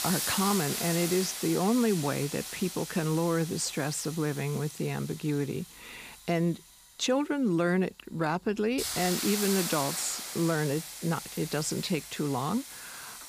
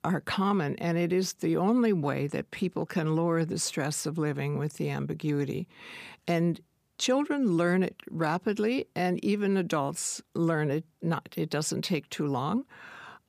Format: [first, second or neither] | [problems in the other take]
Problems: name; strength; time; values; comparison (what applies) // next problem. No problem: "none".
second | hiss; loud; throughout; 5 dB below the speech